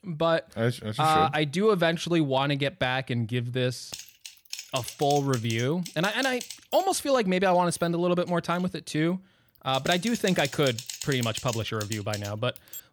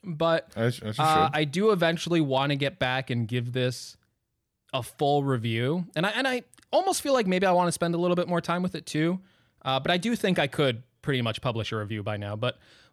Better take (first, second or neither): second